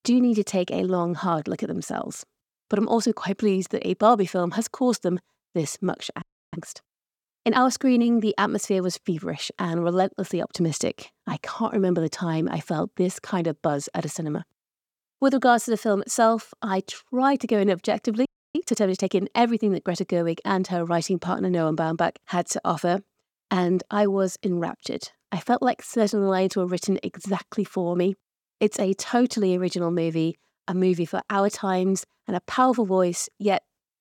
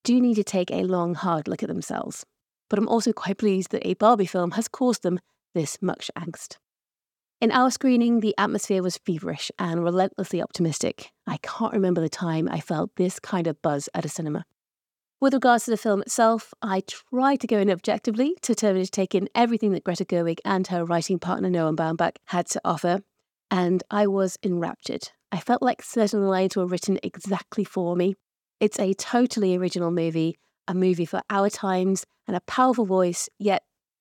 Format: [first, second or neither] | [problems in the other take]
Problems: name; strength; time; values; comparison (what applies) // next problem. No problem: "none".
second | audio freezing; at 6 s and at 18 s